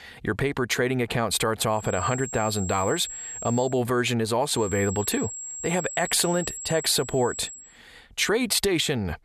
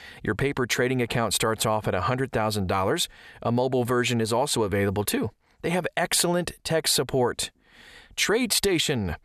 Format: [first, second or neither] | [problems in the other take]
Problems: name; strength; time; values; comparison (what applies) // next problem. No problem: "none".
second | high-pitched whine; loud; from 2 to 3.5 s and from 4.5 to 7.5 s; 7.5 kHz, 9 dB below the speech